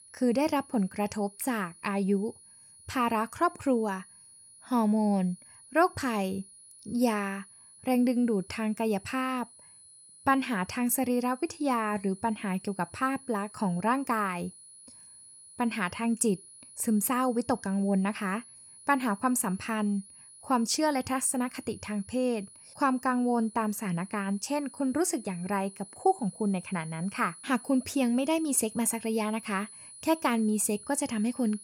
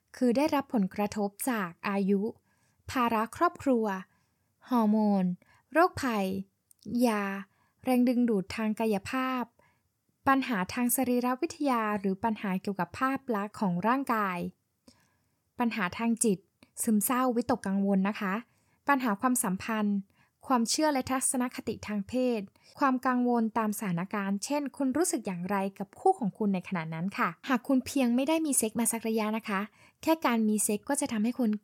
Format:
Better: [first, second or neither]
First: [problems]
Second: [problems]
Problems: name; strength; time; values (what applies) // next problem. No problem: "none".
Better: second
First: high-pitched whine; noticeable; throughout; 10 kHz, 20 dB below the speech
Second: none